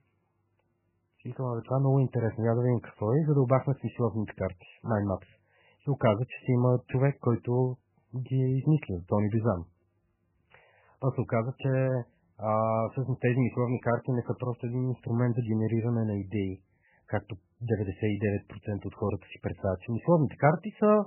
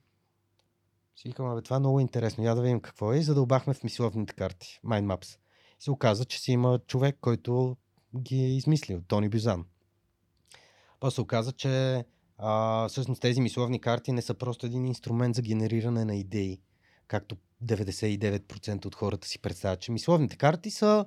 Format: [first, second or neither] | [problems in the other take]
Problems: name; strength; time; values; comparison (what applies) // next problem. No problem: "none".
second | garbled, watery; badly; nothing above 3 kHz